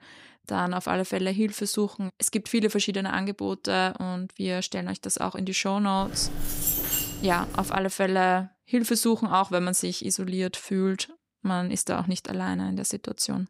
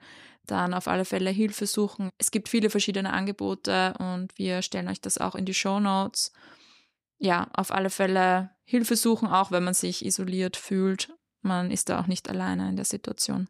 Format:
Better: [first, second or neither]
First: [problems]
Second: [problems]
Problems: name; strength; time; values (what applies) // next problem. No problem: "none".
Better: second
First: jangling keys; loud; from 6 to 8 s; peak 3 dB above the speech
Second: none